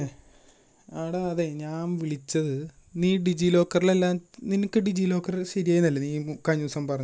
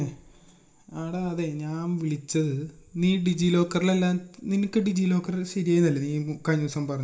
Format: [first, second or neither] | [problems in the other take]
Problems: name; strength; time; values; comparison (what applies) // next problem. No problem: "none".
first | room echo; dies away in 0.5 s